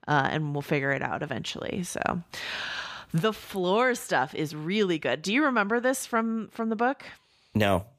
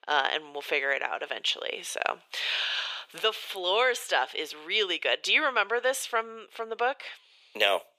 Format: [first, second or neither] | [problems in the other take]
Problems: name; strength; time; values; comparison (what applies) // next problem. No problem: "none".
first | thin; very; fading below 450 Hz